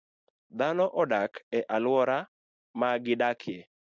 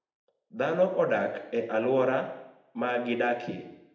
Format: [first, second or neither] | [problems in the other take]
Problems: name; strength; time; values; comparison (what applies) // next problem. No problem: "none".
first | room echo; dies away in 0.8 s